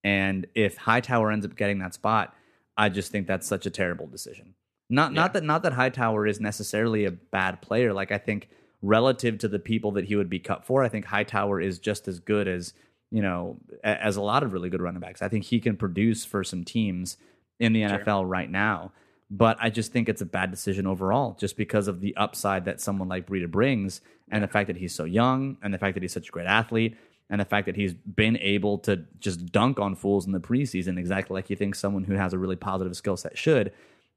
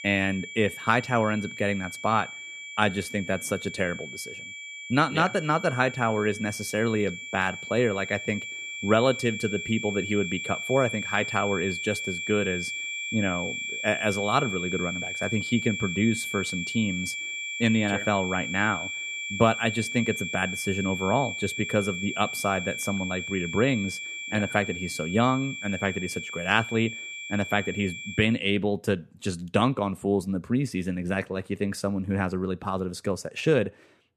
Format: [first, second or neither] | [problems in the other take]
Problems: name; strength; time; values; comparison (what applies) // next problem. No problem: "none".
first | high-pitched whine; loud; until 28 s; 2.5 kHz, 6 dB below the speech